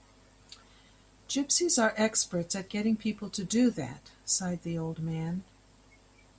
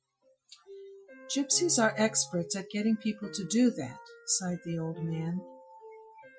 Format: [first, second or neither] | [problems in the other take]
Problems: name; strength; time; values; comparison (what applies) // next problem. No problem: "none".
first | noise reduction (classical method Wiener filter)